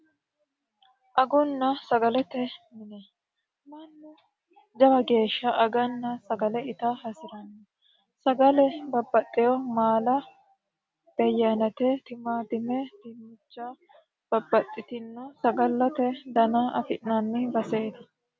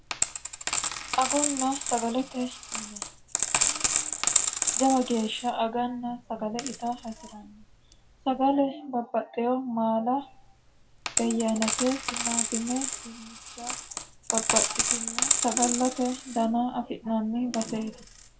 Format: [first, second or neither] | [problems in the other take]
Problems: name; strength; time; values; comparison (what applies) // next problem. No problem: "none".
first | background sound (Coin (dropping)); 1 dB below the speech // room echo; dies away in 0.2 s